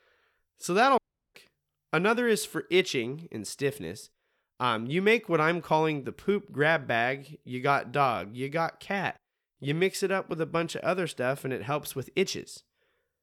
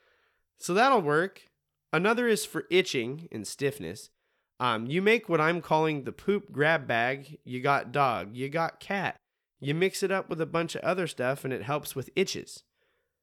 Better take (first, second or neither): second